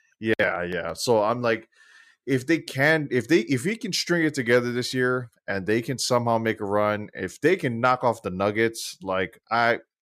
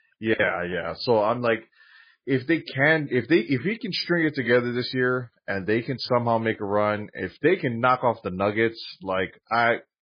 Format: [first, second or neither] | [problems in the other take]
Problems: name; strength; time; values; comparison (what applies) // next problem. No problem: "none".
first | garbled, watery; badly; nothing above 5 kHz